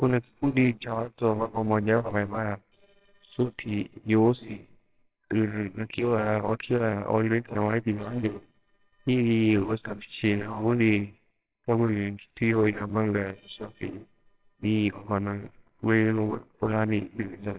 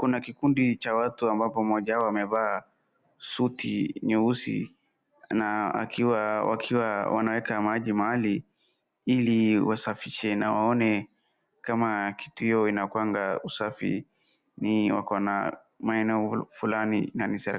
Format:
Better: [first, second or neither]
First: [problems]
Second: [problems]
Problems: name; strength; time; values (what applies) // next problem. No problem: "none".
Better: second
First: noise reduction (neural separator model SepFormer WHAMR!)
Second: none